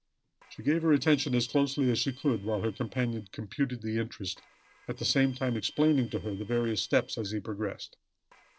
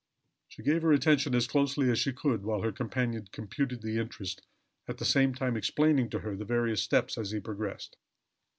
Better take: second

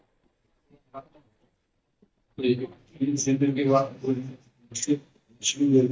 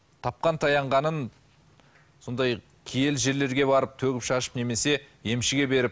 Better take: second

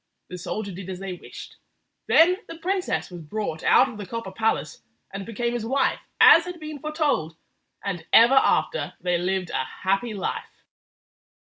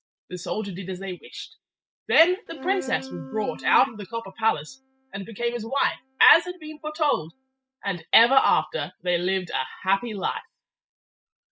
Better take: first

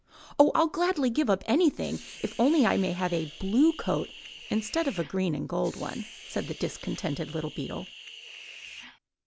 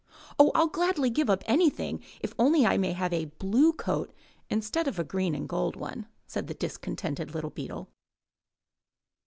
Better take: second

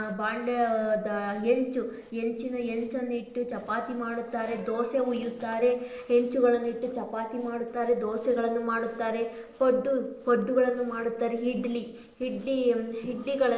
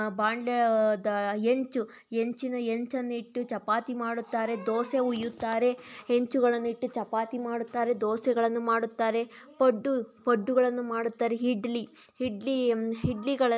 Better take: second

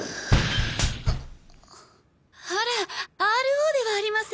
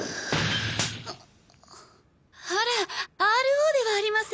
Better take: second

